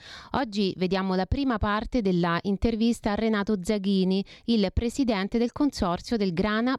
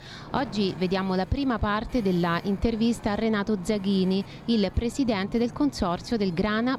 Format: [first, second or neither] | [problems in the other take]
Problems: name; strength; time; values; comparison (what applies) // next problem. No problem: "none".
first | wind noise on the microphone; occasional gusts; 15 dB below the speech